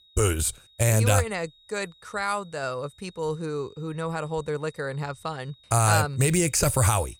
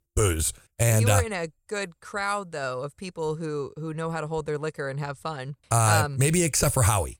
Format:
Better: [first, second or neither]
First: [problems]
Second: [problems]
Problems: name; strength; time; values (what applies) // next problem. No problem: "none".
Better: second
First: high-pitched whine; faint; throughout; 4 kHz, 30 dB below the speech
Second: none